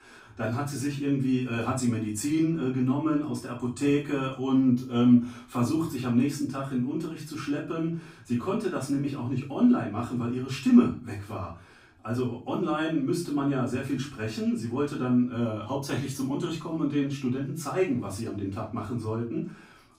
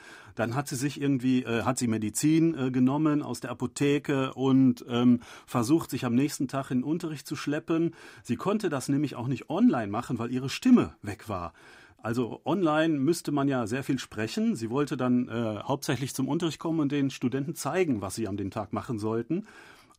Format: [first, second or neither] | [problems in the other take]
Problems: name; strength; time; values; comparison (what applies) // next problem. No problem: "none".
second | off-mic speech; far // room echo; slight; dies away in 0.3 s